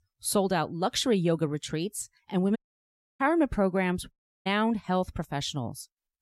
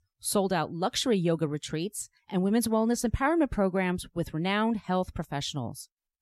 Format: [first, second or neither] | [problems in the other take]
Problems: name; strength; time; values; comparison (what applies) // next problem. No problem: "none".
second | audio cutting out; at 2.5 s for 0.5 s and at 4 s